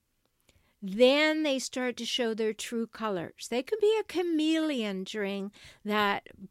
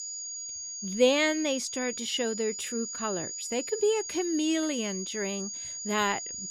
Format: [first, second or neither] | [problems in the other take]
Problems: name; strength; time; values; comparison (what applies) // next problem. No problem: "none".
first | high-pitched whine; loud; throughout; 6.5 kHz, 6 dB below the speech